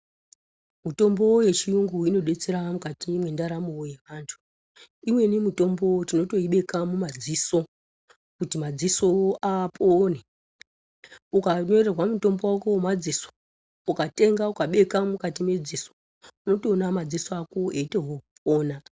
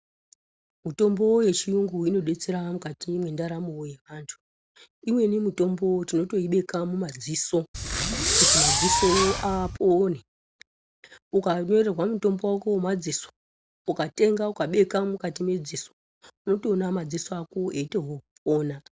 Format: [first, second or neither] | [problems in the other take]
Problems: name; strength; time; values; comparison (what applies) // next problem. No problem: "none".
first | background sound (Fireworks); 3 dB above the speech